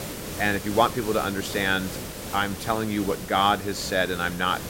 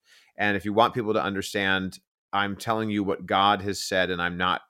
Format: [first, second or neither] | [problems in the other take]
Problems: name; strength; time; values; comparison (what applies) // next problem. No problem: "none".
second | hiss; loud; throughout; 9 dB below the speech